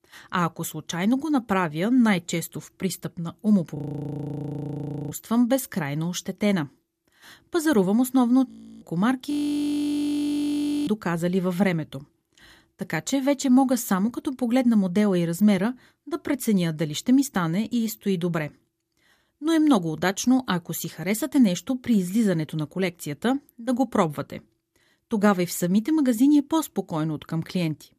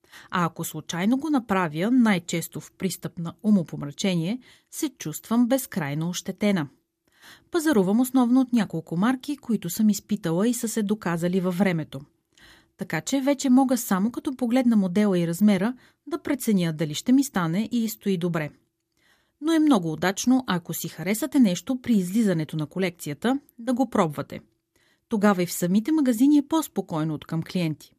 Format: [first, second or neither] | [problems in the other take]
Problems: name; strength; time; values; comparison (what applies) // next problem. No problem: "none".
second | audio freezing; at 4 s for 1.5 s, at 8.5 s and at 9.5 s for 1.5 s